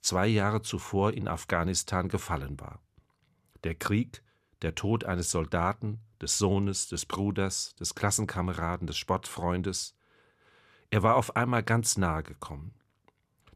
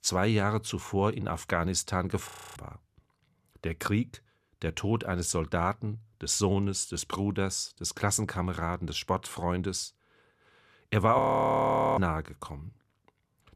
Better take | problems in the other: first | audio freezing; at 2.5 s and at 11 s for 1 s

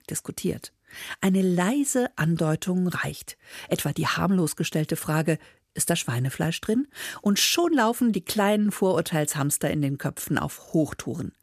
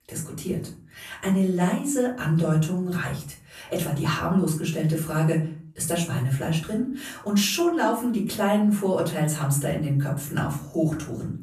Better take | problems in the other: first | off-mic speech; far // room echo; slight; dies away in 0.4 s

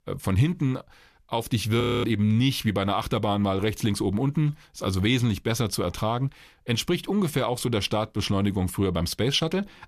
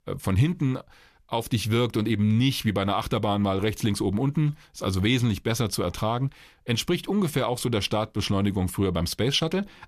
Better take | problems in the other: second | audio freezing; at 2 s

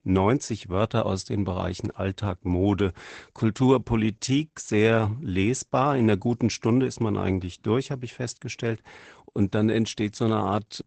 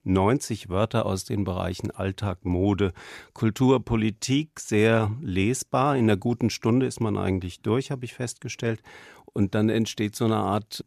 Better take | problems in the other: second | garbled, watery; badly; nothing above 8 kHz

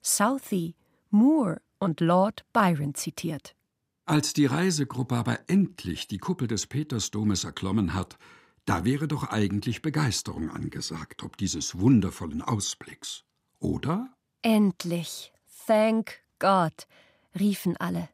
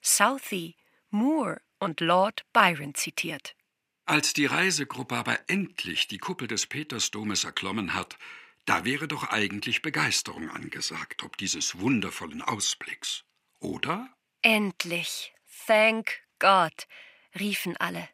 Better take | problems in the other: first | thin; somewhat; fading below 1 kHz

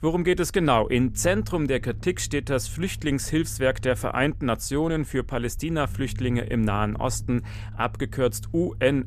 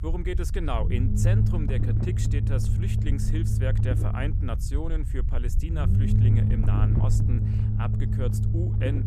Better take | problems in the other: first | low rumble; loud; throughout; 1 dB below the speech; faint in the first

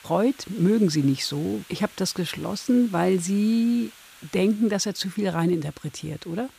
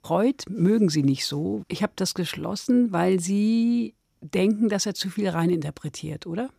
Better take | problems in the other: second | hiss; faint; throughout; 20 dB below the speech

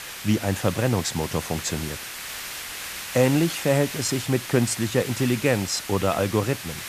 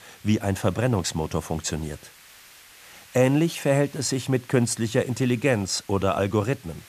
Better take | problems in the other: second | hiss; loud; throughout; 9 dB below the speech; faint in the second

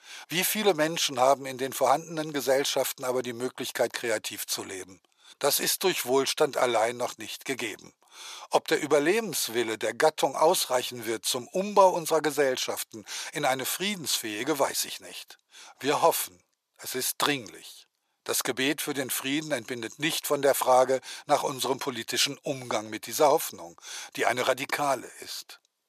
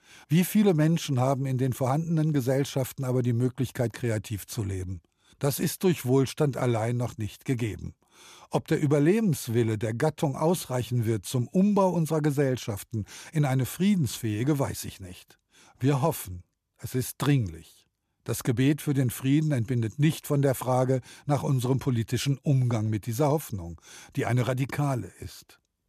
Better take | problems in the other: second | thin; very; fading below 650 Hz

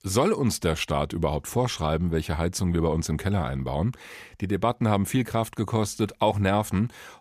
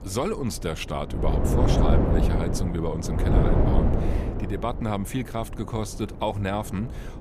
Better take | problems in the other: first | wind noise on the microphone; heavy; 1 dB above the speech

